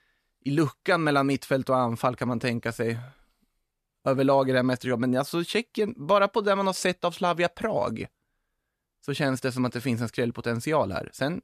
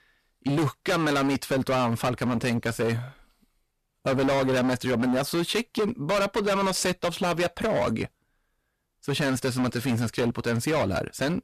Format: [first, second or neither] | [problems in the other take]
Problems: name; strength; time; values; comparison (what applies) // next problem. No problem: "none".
first | distortion; heavy; 20% of the sound clipped